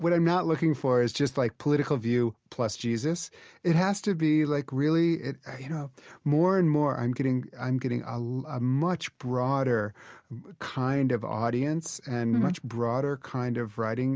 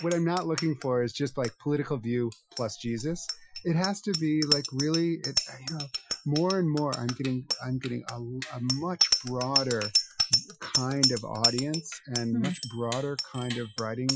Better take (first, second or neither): first